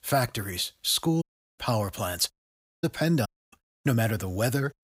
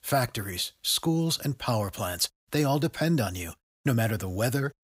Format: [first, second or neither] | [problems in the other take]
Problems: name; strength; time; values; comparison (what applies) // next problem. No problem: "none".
second | audio cutting out; at 1 s, at 2.5 s and at 3.5 s